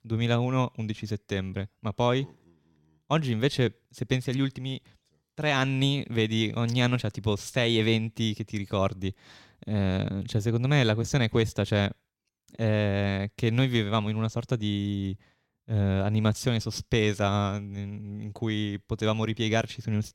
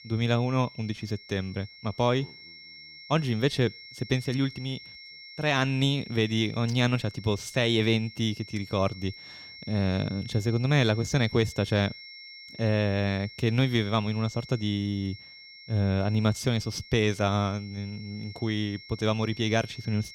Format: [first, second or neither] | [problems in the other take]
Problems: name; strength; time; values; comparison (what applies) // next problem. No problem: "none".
first | high-pitched whine; noticeable; throughout; 2 kHz, 15 dB below the speech